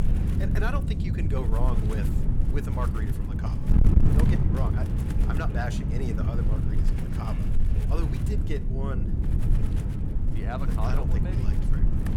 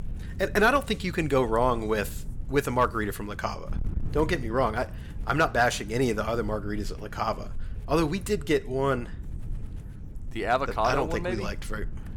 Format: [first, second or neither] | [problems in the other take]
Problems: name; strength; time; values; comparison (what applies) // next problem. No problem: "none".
second | wind noise on the microphone; heavy; 1 dB below the speech; occasional gusts in the second